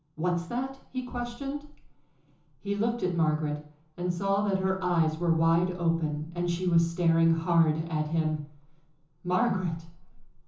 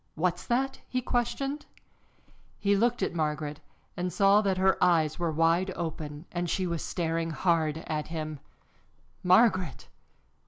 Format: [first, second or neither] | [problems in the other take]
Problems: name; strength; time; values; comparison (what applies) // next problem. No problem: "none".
second | room echo; dies away in 0.7 s